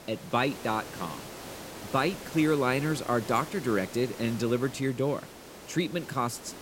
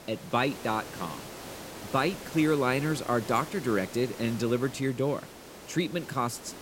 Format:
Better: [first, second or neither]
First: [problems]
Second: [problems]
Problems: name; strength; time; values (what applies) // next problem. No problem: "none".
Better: neither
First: hiss; noticeable; throughout; 15 dB below the speech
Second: hiss; noticeable; throughout; 15 dB below the speech